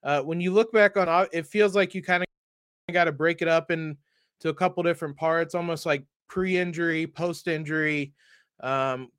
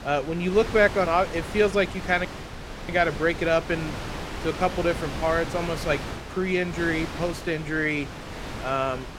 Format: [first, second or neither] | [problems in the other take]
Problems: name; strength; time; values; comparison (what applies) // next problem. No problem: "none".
first | wind noise on the microphone; occasional gusts; 10 dB below the speech